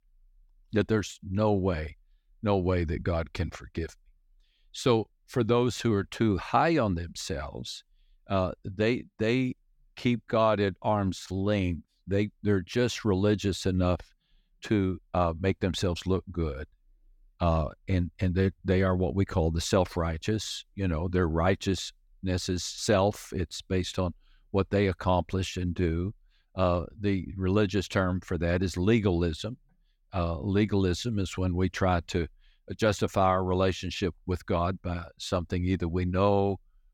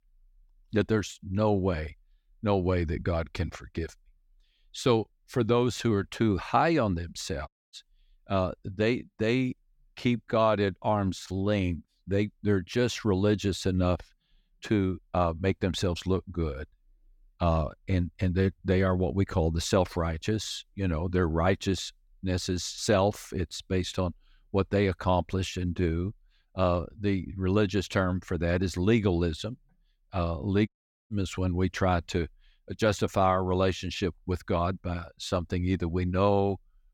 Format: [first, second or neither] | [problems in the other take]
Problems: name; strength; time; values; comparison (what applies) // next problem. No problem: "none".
first | audio cutting out; at 7.5 s and at 31 s